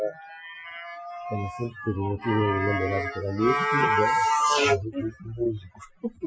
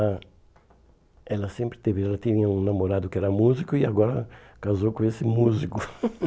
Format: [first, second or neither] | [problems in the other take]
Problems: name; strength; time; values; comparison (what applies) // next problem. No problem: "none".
second | noise reduction (classical method Wiener filter)